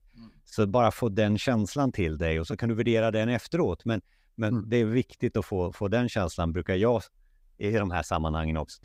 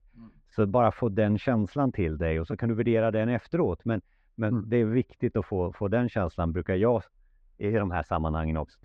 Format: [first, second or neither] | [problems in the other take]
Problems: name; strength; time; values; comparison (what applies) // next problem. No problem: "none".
first | muffled; very; fading above 2 kHz